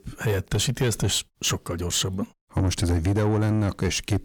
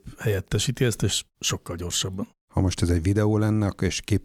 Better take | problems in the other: second | distortion; slight; 10 dB below the speech

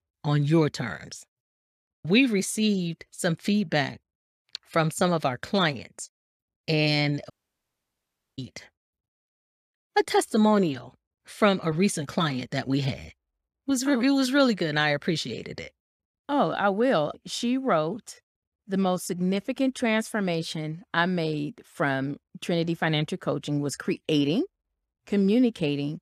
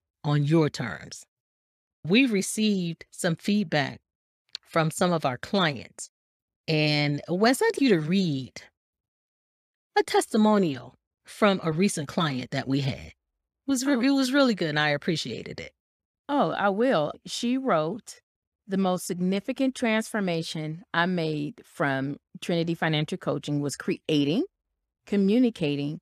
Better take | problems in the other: second | audio cutting out; at 7.5 s for 1 s

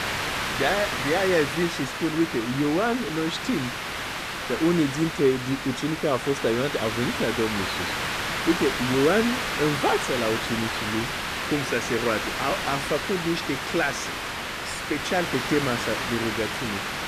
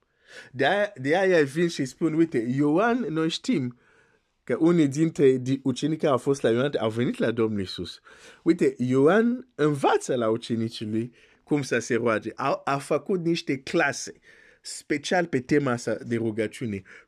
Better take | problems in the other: second | hiss; loud; throughout; 2 dB below the speech

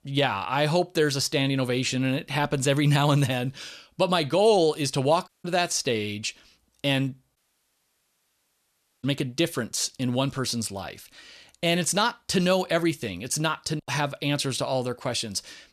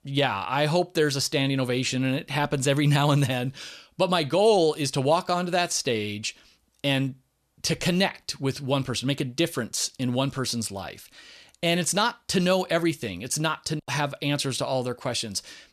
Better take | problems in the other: second | audio cutting out; at 5.5 s and at 7.5 s for 1.5 s

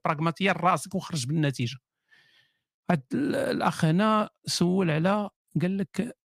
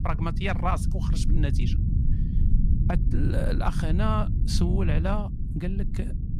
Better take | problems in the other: first | low rumble; loud; throughout; 8 dB below the speech

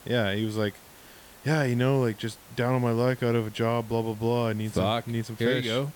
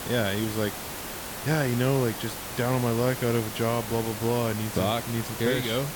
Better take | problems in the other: first | hiss; loud; throughout; 7 dB below the speech; faint in the first

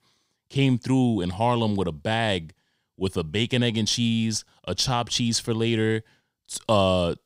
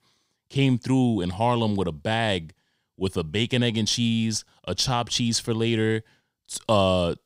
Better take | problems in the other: neither | none

